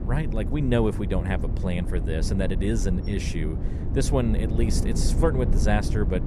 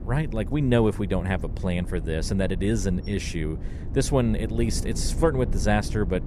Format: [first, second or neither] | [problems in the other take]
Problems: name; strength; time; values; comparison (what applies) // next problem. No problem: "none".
second | wind noise on the microphone; heavy; 9 dB below the speech; occasional gusts in the second